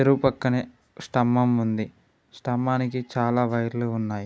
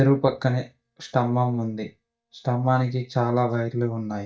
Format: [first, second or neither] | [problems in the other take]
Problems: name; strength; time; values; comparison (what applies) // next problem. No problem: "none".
first | noise reduction (neural mask model DeepFilterNet 3)